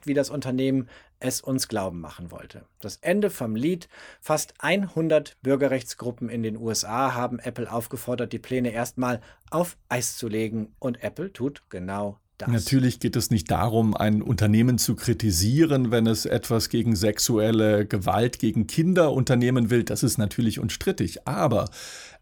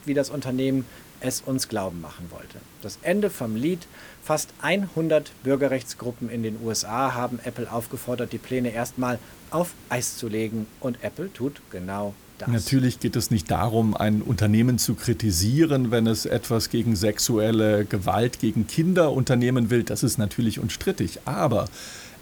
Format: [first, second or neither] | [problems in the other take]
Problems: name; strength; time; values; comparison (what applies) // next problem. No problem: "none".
first | hiss; faint; throughout; 25 dB below the speech